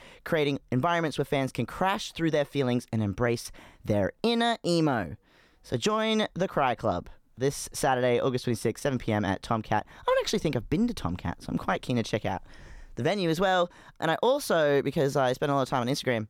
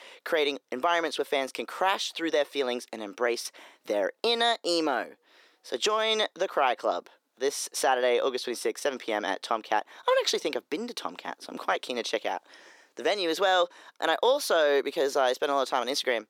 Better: first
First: none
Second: thin; somewhat; fading below 350 Hz

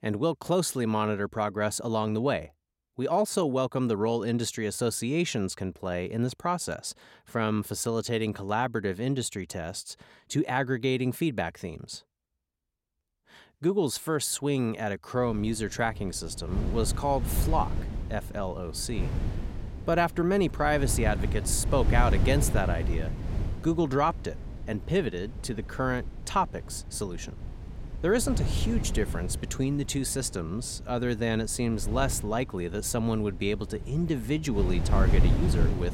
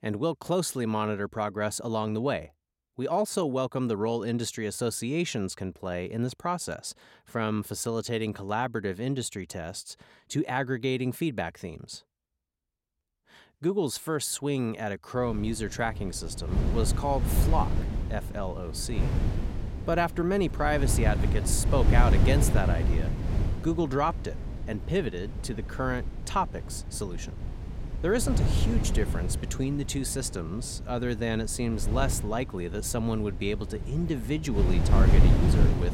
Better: first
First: wind noise on the microphone; occasional gusts; from 15 s on; 15 dB below the speech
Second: wind noise on the microphone; heavy; from 15 s on; 8 dB below the speech

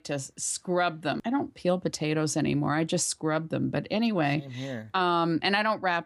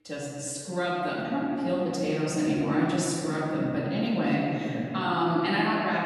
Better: first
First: none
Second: off-mic speech; far // room echo; strong; dies away in 2.7 s

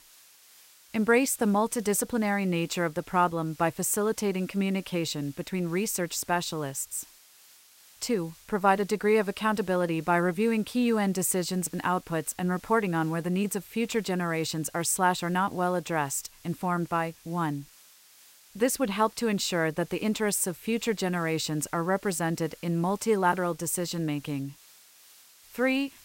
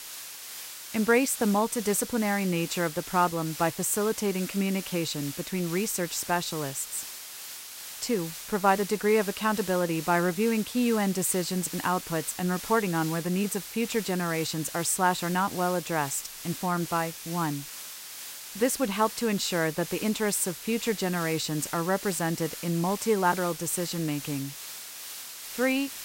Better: first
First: hiss; faint; throughout; 25 dB below the speech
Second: hiss; loud; throughout; 10 dB below the speech

